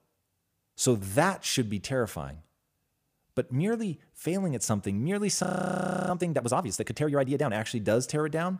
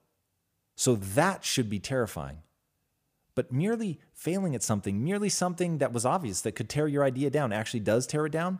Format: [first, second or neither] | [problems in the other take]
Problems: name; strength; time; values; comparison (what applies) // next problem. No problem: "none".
second | audio freezing; at 5.5 s for 0.5 s